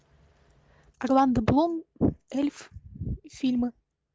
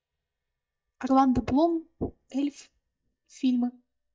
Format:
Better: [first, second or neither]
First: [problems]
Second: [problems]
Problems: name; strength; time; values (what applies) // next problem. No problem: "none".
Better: first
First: none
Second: noise reduction (neural mask model DeepFilterNet 3)